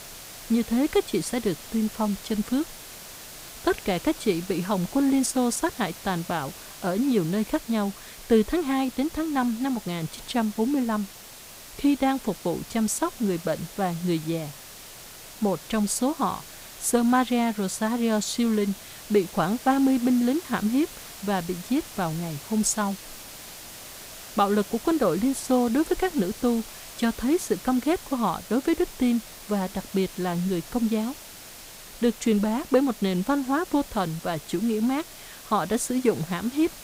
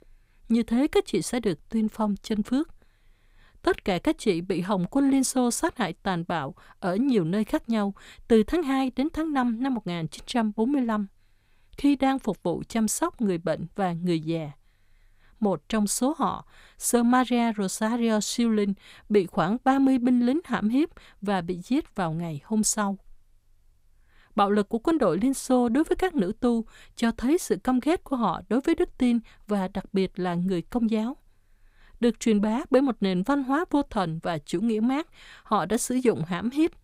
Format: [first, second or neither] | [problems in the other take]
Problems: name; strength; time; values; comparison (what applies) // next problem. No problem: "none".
second | hiss; noticeable; throughout; 15 dB below the speech